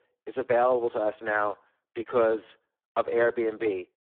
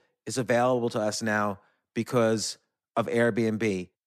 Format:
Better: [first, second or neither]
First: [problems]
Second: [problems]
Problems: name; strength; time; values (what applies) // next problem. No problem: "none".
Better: second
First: phone-call audio; poor line; nothing above 3.5 kHz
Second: none